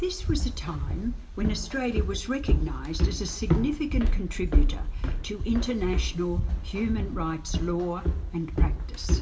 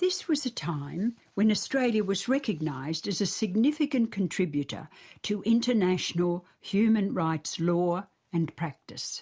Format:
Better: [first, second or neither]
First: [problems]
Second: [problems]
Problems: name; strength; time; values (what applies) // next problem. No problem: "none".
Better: second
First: background sound (Walk, footsteps); 4 dB above the speech // room echo; dies away in 0.8 s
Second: none